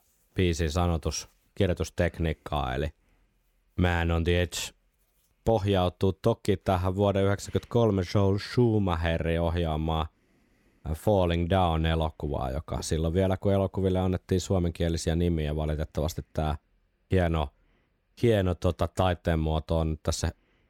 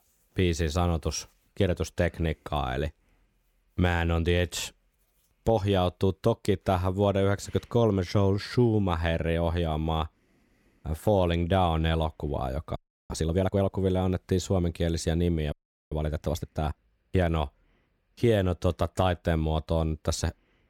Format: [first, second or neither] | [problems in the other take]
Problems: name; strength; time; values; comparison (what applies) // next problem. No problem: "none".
first | audio freezing; at 13 s and at 16 s